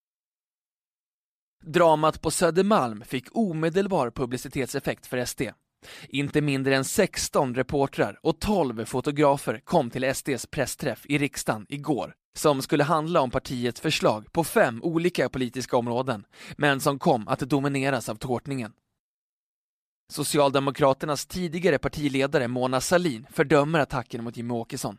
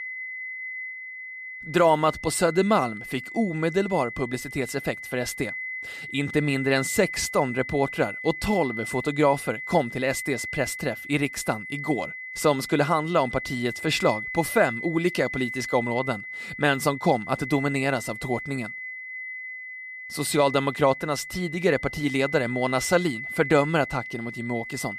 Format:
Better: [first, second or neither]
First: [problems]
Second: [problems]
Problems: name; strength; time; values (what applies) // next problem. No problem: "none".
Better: first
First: none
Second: high-pitched whine; loud; throughout; 2 kHz, 8 dB below the speech